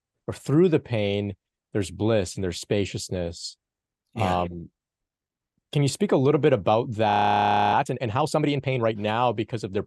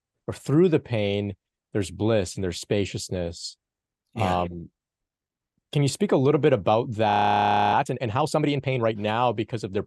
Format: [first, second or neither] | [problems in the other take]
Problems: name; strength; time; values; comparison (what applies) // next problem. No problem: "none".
neither | audio freezing; at 7 s for 0.5 s; the same in both